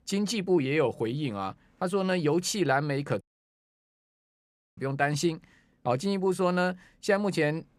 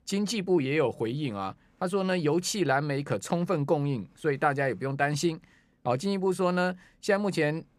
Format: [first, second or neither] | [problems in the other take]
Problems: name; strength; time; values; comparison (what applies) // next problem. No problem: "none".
second | audio cutting out; at 3 s for 1.5 s